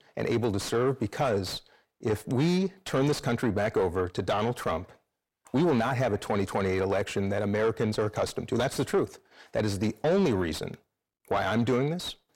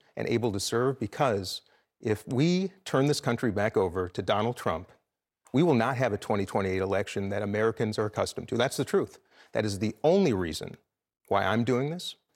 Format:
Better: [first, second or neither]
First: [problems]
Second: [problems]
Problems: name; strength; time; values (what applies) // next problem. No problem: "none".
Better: second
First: distortion; slight; 10 dB below the speech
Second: none